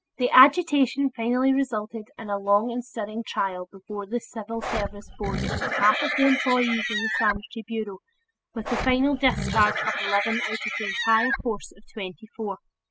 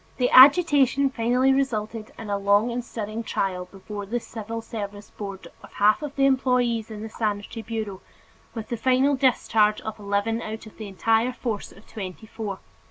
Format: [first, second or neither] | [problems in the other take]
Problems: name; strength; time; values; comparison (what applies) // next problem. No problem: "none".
second | noise reduction (classical method spectral subtraction)